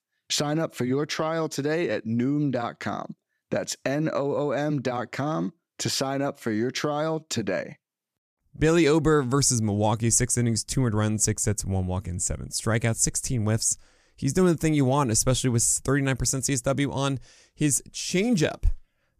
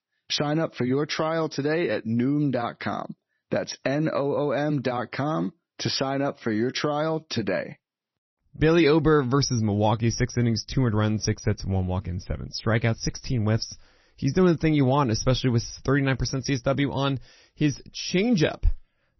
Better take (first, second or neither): first